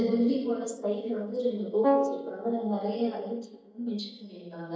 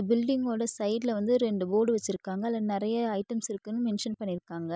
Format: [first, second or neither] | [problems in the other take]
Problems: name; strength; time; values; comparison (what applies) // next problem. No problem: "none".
second | noise reduction (neural mask model DeepFilterNet 3)